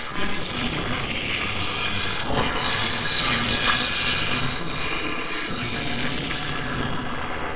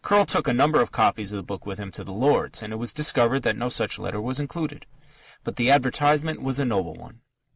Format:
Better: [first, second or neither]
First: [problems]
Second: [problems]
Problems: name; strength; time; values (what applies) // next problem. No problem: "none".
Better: second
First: noise reduction (neural separator model SepFormer WHAMR!)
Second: none